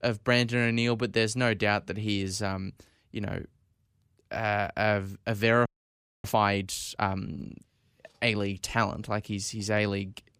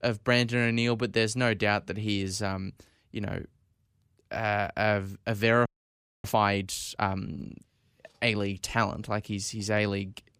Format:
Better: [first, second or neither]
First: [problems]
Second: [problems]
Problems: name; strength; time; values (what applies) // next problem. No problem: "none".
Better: neither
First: audio freezing; at 5.5 s for 0.5 s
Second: audio freezing; at 5.5 s for 0.5 s